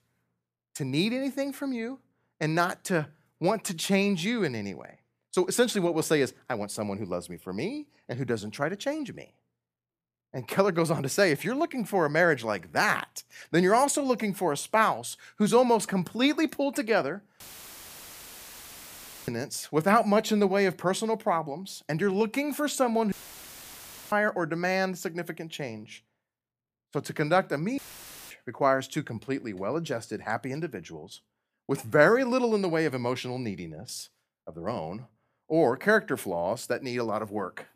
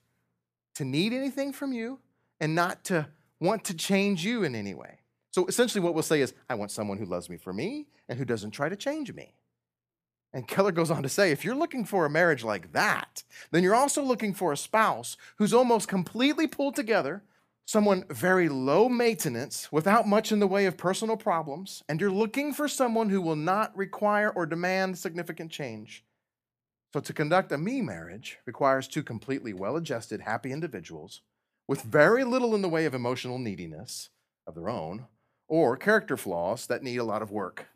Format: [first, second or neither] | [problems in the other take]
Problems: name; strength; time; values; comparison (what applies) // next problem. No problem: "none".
second | audio cutting out; filled with static; at 17 s for 2 s, at 23 s for 1 s and at 28 s for 0.5 s